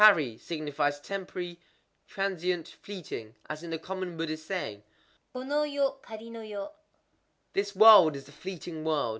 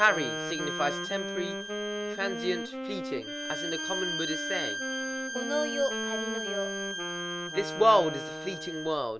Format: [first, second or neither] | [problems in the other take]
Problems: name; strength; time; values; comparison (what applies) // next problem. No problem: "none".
first | background sound (Bowed string instrument + Wind instrument, woodwind instrument); 3 dB below the speech